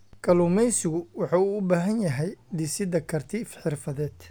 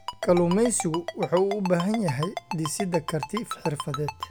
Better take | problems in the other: first | background sound (Ringtone); 9 dB below the speech

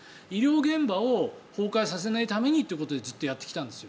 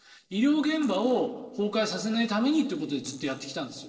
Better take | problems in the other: first | noise reduction (neural separator model SepFormer DNS4)

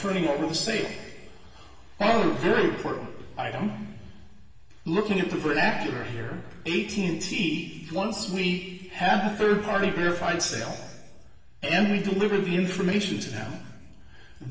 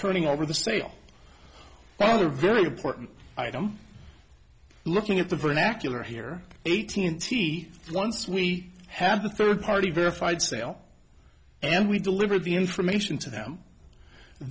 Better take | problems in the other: second | room echo; dies away in 1.4 s

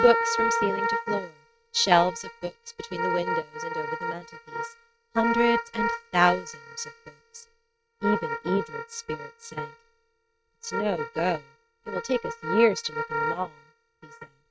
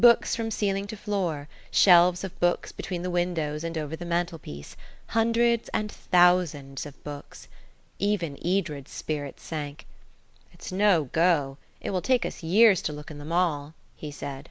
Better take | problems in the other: second | noise reduction (neural mask model RNNoise)

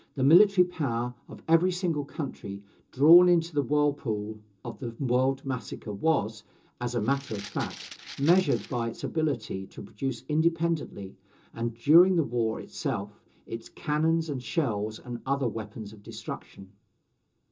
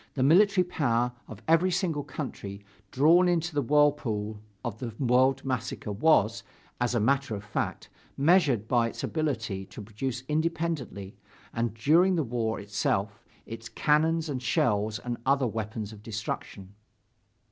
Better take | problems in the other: second | background sound (Rattle (instrument)); 17 dB below the speech // room echo; dies away in 0.2 s

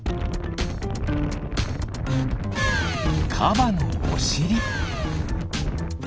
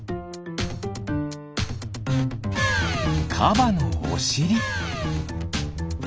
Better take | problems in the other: second | background sound (Wind); 2 dB below the speech

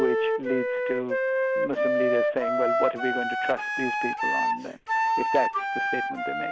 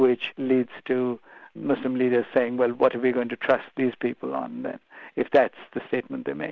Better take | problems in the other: second | background sound (Wind instrument, woodwind instrument); 5 dB above the speech

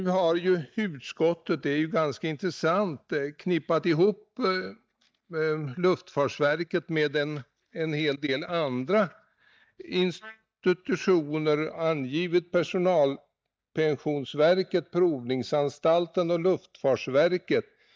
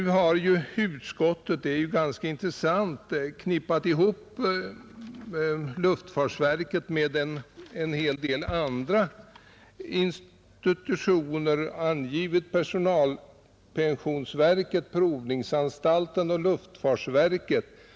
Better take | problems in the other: second | noise reduction (neural mask model DeepFilterNet 3)

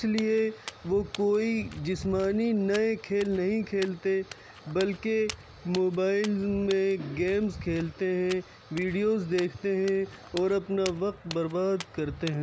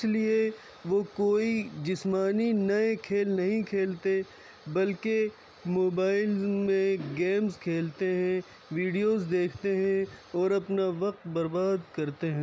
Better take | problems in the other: second | background sound (Walk, footsteps); 16 dB below the speech

